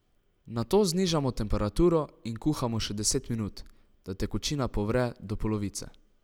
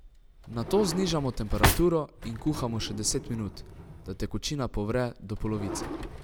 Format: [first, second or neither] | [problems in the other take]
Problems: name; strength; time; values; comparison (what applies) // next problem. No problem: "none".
first | background sound (Drawer open or close); 5 dB below the speech